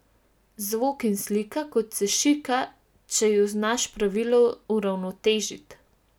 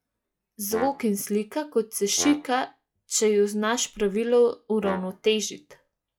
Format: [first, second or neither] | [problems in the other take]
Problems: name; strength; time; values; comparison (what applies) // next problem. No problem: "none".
first | noise reduction (classical method log-MMSE)